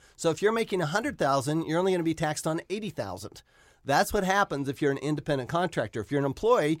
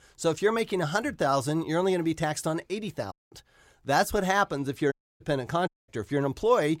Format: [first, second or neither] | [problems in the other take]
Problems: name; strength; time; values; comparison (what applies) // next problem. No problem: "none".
first | audio cutting out; at 3 s, at 5 s and at 5.5 s